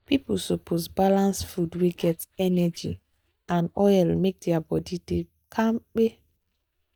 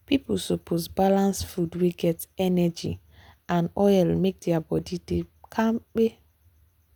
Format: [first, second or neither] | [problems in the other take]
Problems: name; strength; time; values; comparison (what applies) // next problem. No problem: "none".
second | noise reduction (neural mask model DeepFilterNet 3)